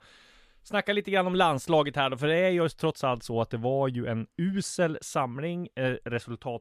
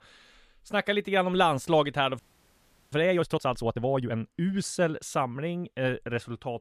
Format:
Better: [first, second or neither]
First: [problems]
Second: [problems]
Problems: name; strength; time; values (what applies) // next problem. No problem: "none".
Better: first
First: none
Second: audio freezing; at 2 s for 0.5 s